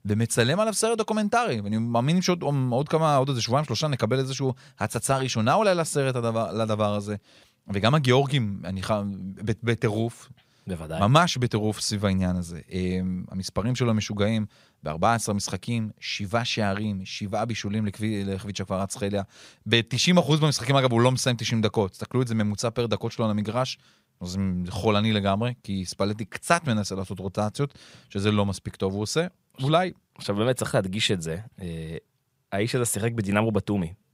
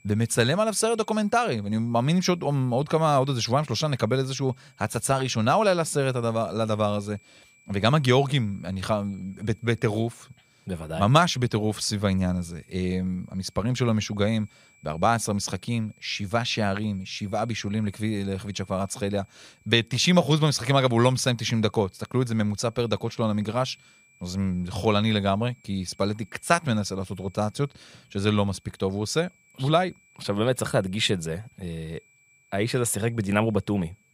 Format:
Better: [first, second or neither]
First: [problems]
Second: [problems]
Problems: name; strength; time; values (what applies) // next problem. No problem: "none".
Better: first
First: none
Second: high-pitched whine; faint; throughout; 2.5 kHz, 35 dB below the speech